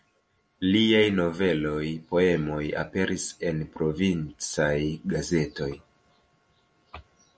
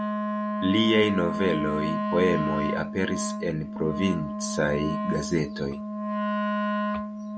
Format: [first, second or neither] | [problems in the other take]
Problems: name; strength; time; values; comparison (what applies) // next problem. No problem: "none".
first | background sound (Wind instrument, woodwind instrument); 1 dB below the speech